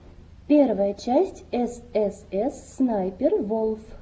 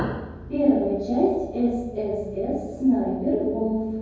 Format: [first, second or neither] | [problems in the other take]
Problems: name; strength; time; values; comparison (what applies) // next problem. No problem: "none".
first | room echo; dies away in 1.3 s